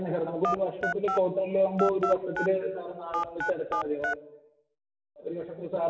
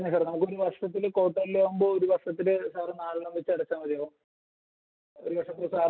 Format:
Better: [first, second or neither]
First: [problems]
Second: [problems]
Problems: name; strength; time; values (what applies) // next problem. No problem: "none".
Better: second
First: background sound (Telephone); 3 dB below the speech // room echo; dies away in 1.1 s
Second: none